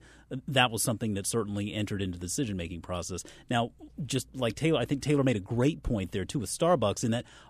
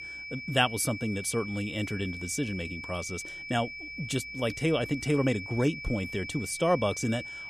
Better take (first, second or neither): first